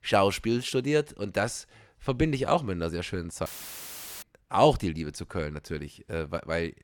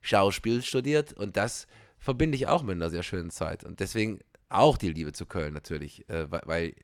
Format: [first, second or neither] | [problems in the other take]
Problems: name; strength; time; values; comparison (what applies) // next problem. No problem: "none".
second | audio cutting out; filled with static; at 3.5 s for 1 s